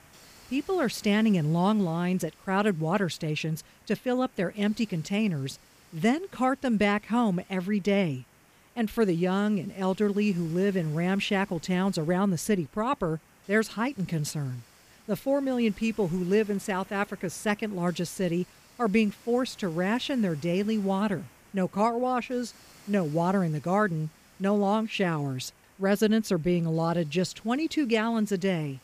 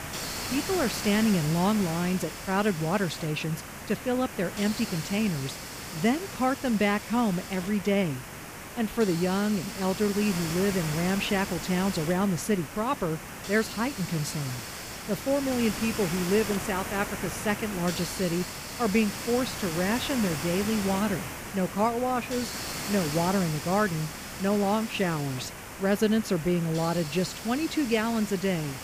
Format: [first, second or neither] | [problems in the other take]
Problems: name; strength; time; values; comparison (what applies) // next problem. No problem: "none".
first | hiss; loud; throughout; 7 dB below the speech; faint in the first